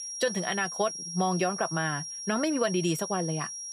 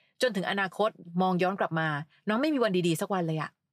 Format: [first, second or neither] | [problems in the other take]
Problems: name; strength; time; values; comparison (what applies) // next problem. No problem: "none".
second | high-pitched whine; loud; throughout; 5.5 kHz, 6 dB below the speech